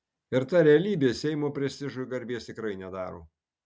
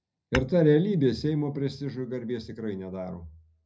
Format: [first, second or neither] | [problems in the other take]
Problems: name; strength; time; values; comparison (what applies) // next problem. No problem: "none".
first | background sound (Tap / Hammer / Glass); 15 dB below the speech // room echo; dies away in 0.4 s